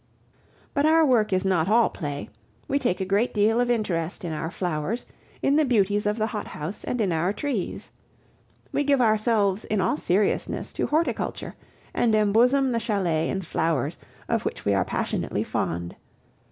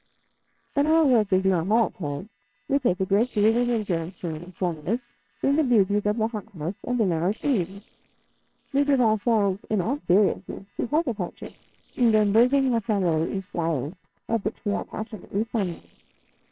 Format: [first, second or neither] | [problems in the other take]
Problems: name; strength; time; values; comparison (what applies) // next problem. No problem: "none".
first | noise reduction (neural separator model SepFormer WHAMR!)